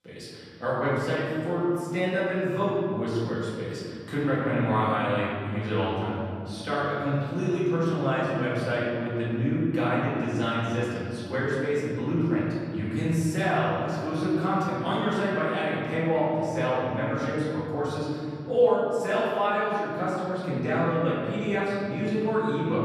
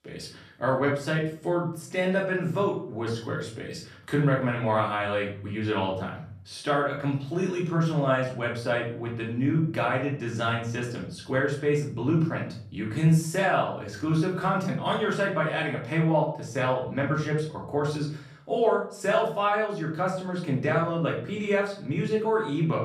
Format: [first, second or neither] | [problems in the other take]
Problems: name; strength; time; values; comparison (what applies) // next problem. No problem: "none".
second | room echo; strong; dies away in 2.6 s; slight in the second // off-mic speech; far; far in the second